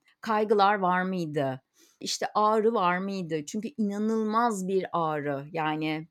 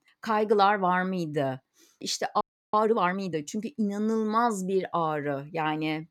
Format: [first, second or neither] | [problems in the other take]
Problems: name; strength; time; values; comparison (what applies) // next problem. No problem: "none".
first | audio freezing; at 2.5 s